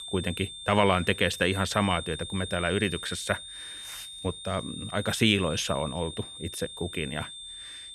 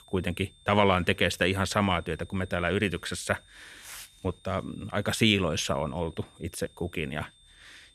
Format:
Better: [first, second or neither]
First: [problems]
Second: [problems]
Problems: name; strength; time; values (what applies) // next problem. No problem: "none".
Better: second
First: high-pitched whine; loud; throughout; 3.5 kHz, 10 dB below the speech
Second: high-pitched whine; faint; throughout; 3.5 kHz, 30 dB below the speech